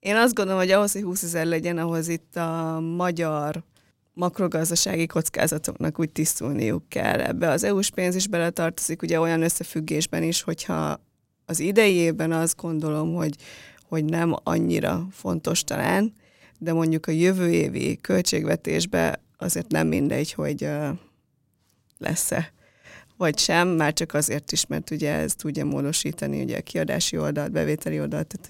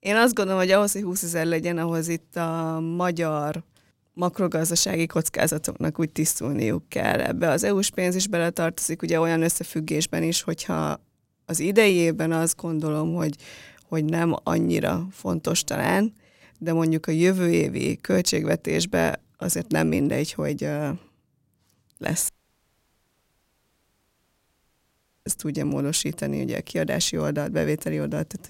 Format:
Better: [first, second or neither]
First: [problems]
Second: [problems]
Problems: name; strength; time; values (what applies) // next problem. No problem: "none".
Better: first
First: none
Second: audio cutting out; at 22 s for 3 s